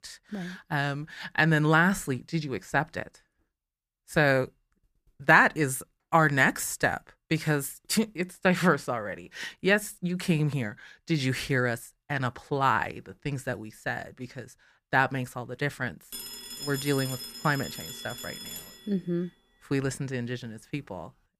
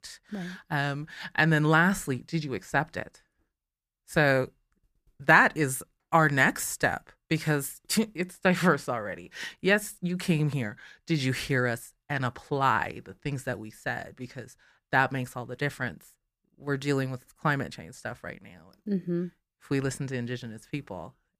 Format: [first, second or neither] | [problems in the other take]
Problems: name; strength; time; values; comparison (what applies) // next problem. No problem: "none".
second | phone ringing; noticeable; from 16 to 19 s; peak 7 dB below the speech